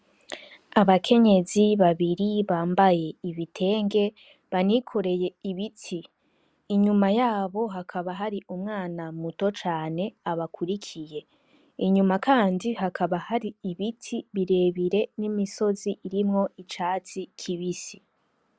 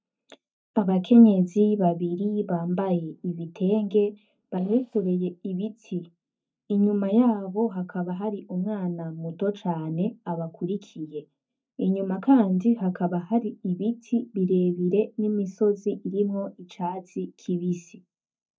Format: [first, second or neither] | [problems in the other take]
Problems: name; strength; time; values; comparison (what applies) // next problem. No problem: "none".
first | noise reduction (neural mask model DeepFilterNet 3)